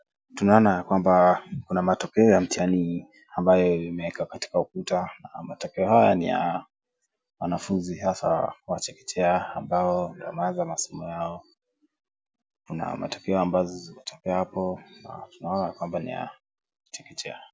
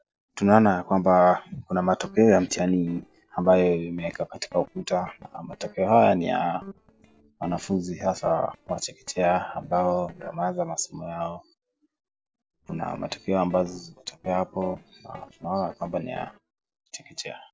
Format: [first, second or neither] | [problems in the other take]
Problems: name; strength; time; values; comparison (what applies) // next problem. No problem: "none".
first | noise reduction (neural separator model SepFormer DNS4)